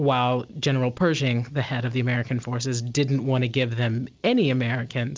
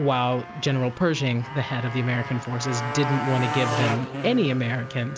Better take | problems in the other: first | background sound (Motorcycle); 7 dB below the speech

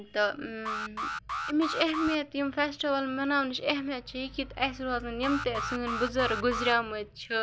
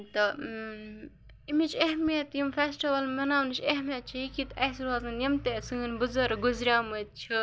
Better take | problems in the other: second | background sound (Alarm); 5 dB below the speech

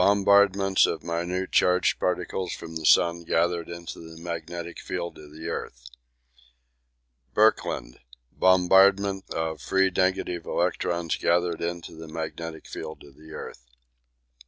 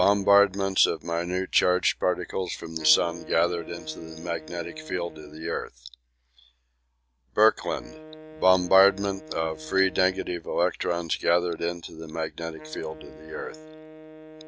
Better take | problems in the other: first | background sound (Wind instrument, woodwind instrument); 19 dB below the speech

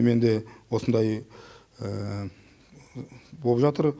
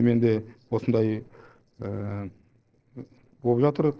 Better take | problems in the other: first | noise reduction (neural separator model SepFormer DNS4)

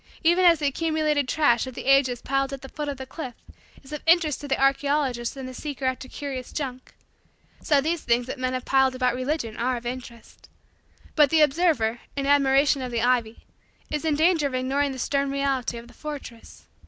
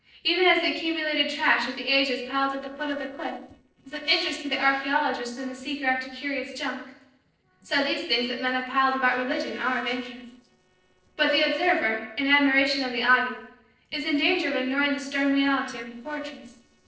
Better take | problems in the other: first | noise reduction (neural separator model SepFormer DNS4)

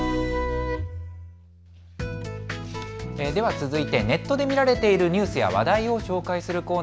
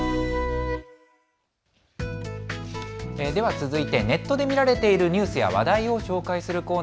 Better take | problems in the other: second | background sound (Bowed string instrument); 17 dB below the speech

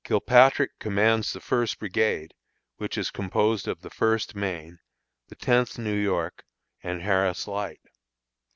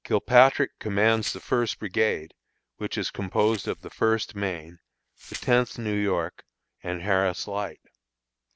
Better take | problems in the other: first | noise reduction (neural separator model SepFormer DNS4)

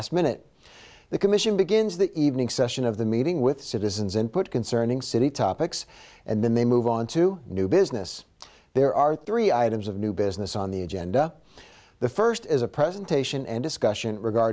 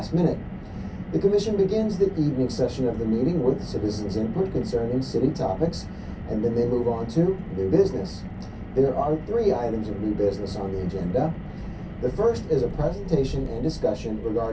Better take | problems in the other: first | background sound (Car); 9 dB below the speech // room echo; dies away in 0.3 s

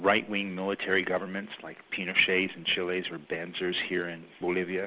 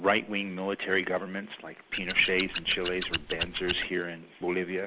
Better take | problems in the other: first | background sound (Scissors); 6 dB below the speech

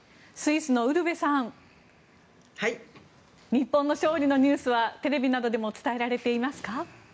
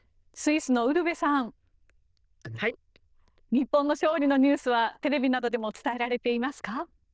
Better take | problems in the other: first | noise reduction (neural diffusion model UNIVERSE++)

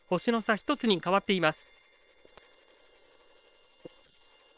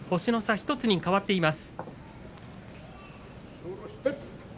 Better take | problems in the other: second | noise reduction (neural separator model SepFormer WHAM!)

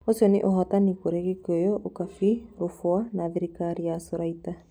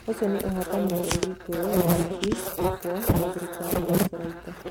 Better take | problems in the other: first | background sound (Insect); 4 dB above the speech

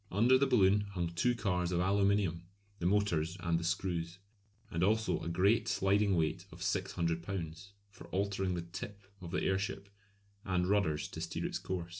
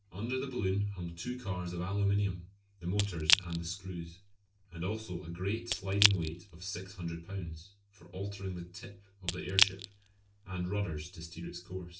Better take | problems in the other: first | background sound (Crack / Crushing); 1 dB above the speech // room echo; dies away in 0.3 s

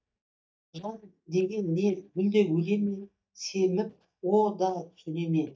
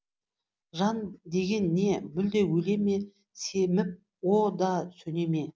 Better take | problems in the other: second | noise reduction (neural mask model DeepFilterNet 3)

